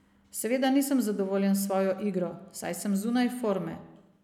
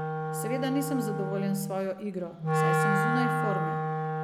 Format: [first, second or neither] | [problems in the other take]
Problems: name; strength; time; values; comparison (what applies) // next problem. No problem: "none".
first | background sound (Wind instrument, woodwind instrument); 3 dB above the speech